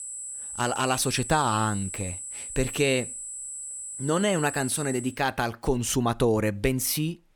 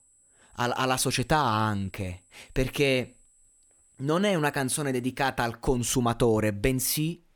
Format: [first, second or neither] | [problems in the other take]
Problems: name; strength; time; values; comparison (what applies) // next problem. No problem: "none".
second | high-pitched whine; loud; until 5 s; 8 kHz, 8 dB below the speech; faint in the second